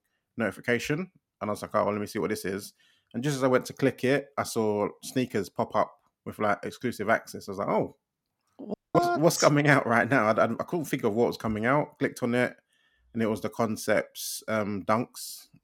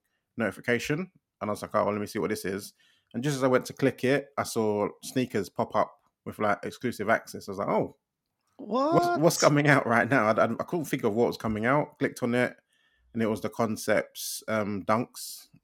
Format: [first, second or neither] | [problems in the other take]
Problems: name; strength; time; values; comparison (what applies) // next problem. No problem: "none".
second | audio cutting out; at 8.5 s